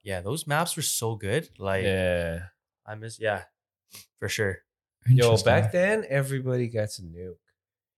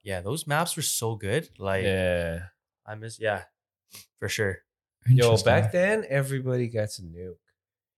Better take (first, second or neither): neither